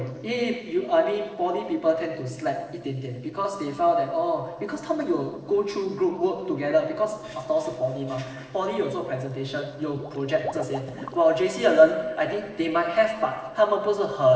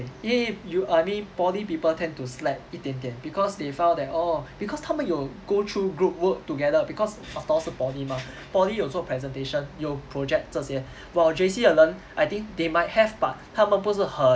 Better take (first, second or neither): second